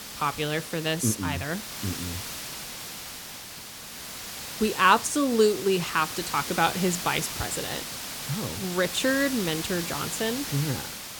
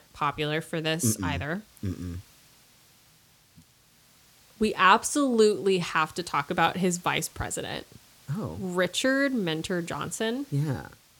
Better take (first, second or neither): second